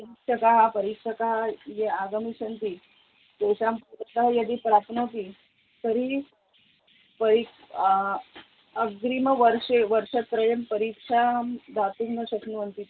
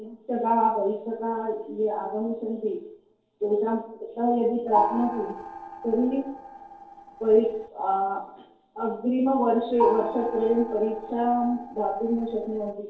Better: first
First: none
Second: noise reduction (neural separator model SepFormer DNS4)

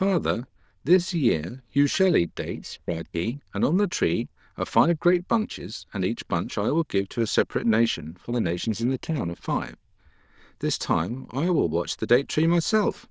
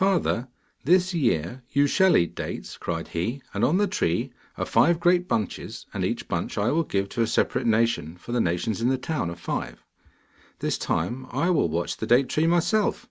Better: second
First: noise reduction (neural diffusion model UNIVERSE++)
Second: none

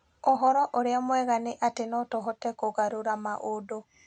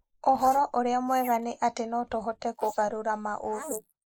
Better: first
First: none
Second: noise reduction (neural mask model Resemble Enhance denoiser)

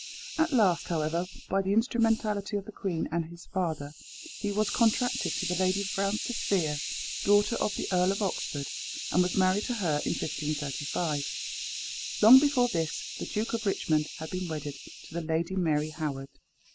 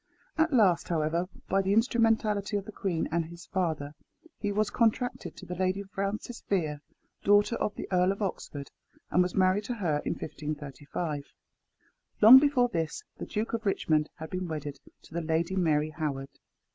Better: second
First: background sound (Hiss); 9 dB below the speech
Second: none

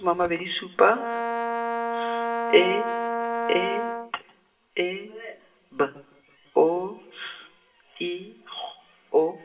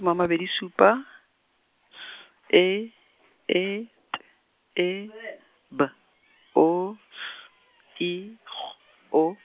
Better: second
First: background sound (Brass instrument); 1 dB below the speech // room echo; dies away in 0.8 s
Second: none

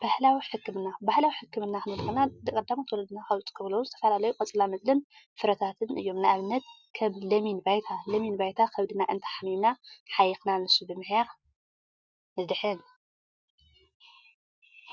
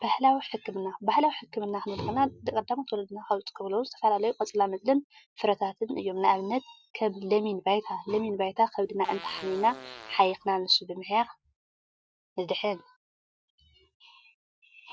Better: first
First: none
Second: background sound (Fart); 15 dB below the speech

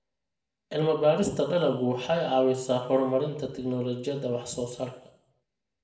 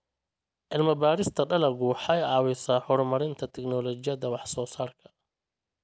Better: second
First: room echo; dies away in 0.6 s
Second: none

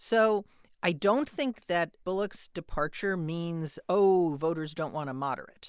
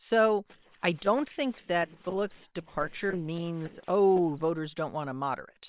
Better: first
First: none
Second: noise reduction (neural separator model SepFormer WHAM!)

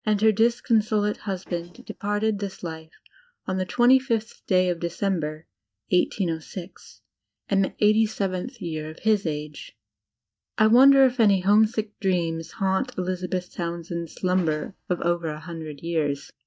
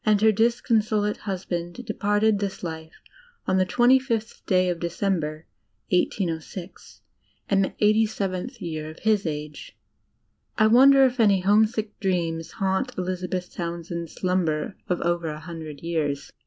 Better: second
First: noise reduction (neural mask model DeepFilterNet 3)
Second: none

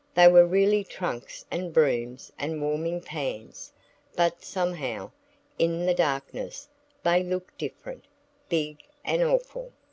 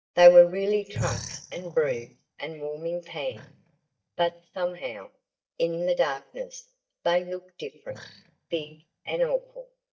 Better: first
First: none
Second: noise reduction (neural mask model DeepFilterNet 3)

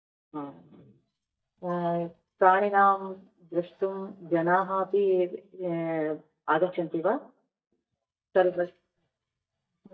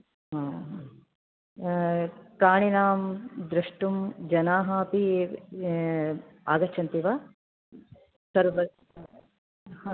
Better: second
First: noise reduction (neural mask model DeepFilterNet 3)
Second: none

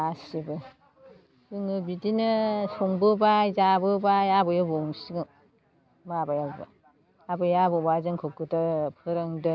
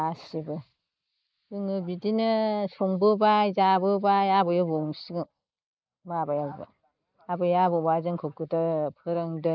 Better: first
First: none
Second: noise reduction (neural mask model Resemble Enhance denoiser)

